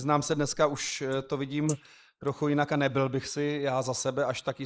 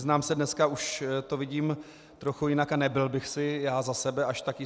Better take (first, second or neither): second